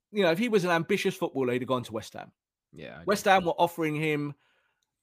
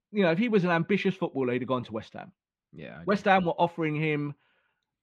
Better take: first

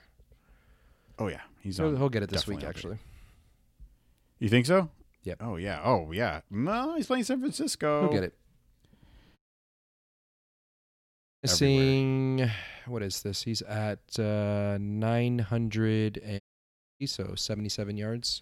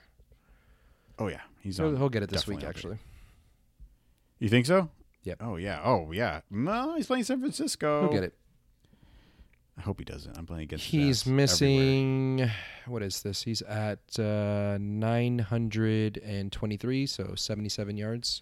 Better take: second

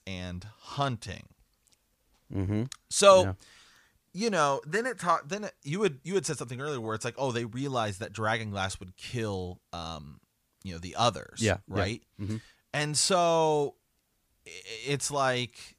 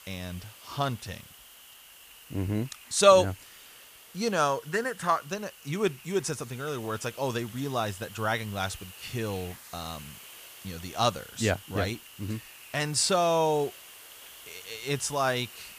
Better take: first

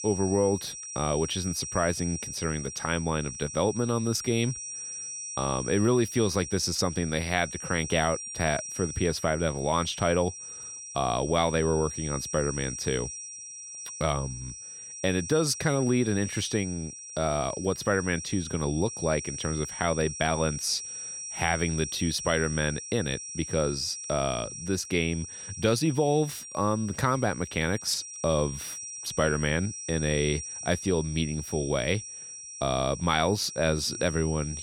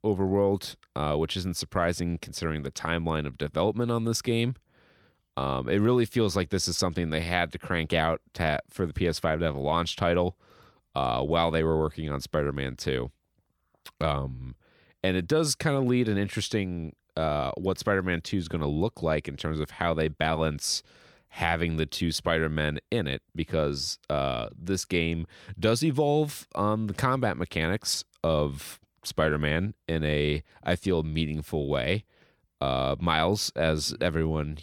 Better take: second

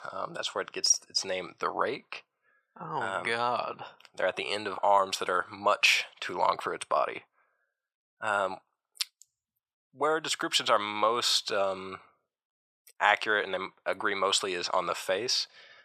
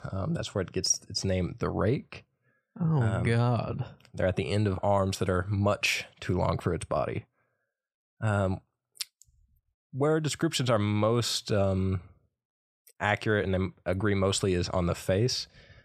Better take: second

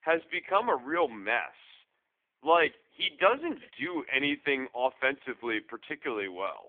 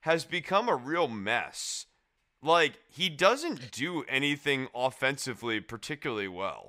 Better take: second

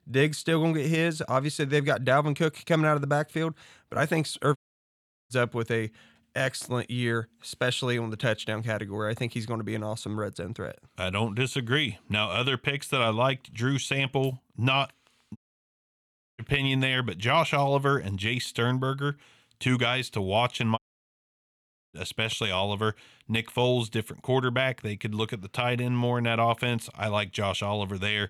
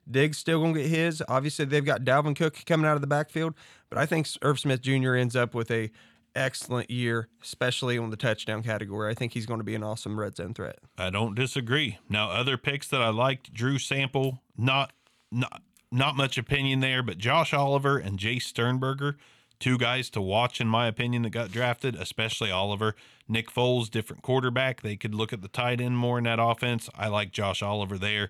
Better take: second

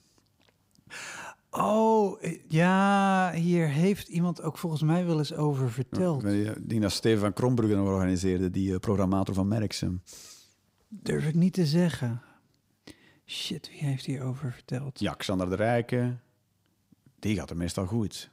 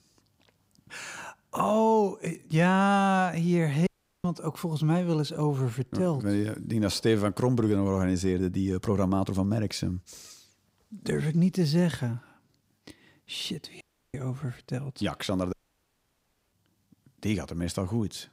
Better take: first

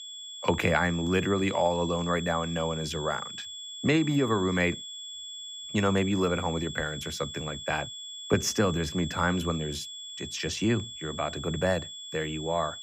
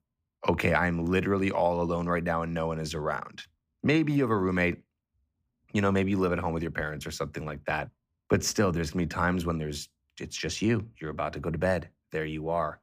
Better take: second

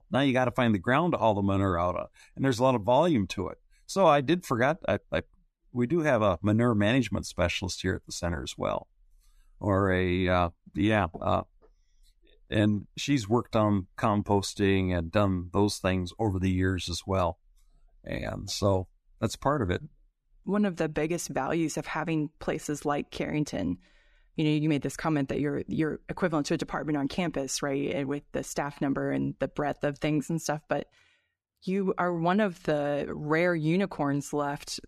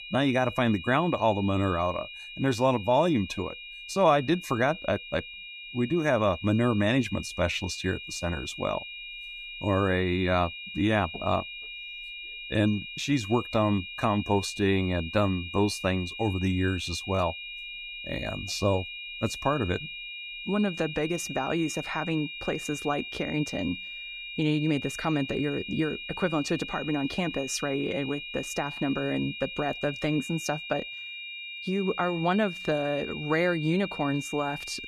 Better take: first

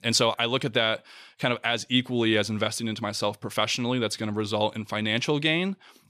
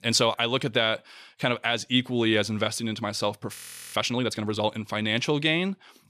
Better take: first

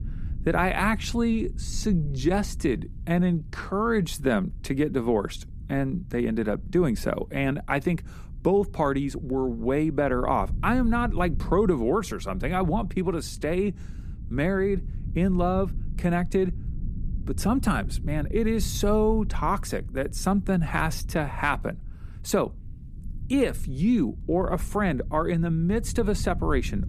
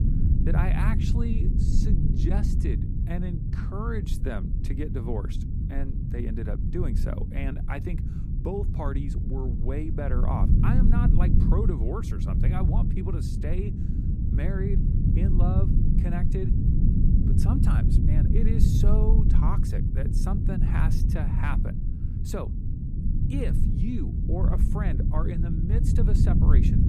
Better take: first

